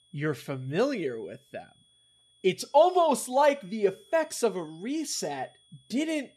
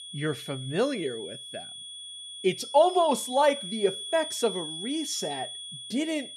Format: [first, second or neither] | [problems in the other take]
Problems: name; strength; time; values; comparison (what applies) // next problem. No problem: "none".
first | high-pitched whine; loud; throughout; 3.5 kHz, 9 dB below the speech; faint in the first